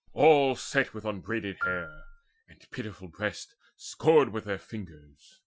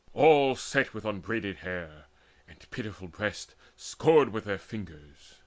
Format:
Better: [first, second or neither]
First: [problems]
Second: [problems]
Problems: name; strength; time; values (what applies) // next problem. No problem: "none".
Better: second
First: noise reduction (classical method Wiener filter)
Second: none